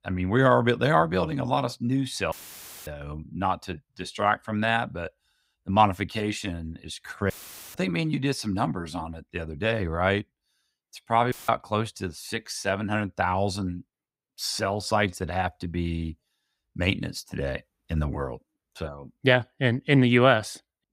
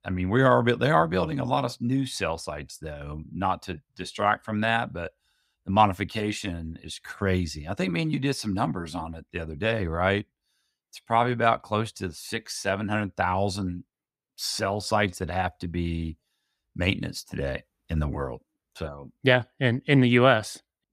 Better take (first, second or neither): second